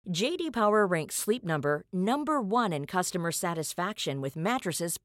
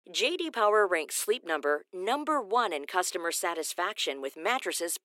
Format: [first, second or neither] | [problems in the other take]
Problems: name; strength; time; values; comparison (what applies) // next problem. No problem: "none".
first | thin; somewhat; fading below 300 Hz